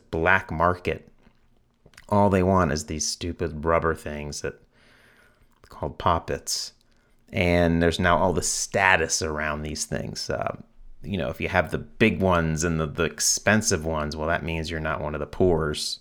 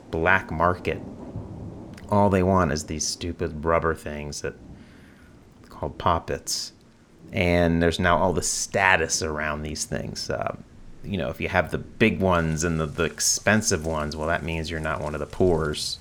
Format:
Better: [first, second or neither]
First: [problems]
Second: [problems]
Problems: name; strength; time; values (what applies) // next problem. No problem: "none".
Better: first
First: none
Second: rain or running water; faint; throughout; 20 dB below the speech